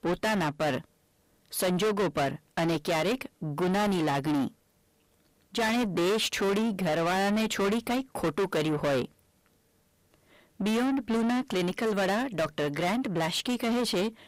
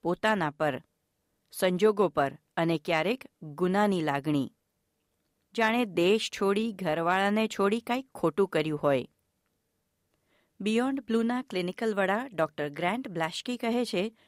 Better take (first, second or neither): second